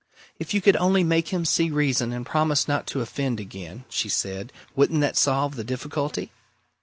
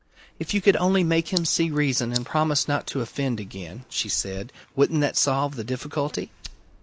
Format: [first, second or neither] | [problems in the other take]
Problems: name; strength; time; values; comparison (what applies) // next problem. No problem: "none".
first | noise reduction (neural mask model Resemble Enhance denoiser)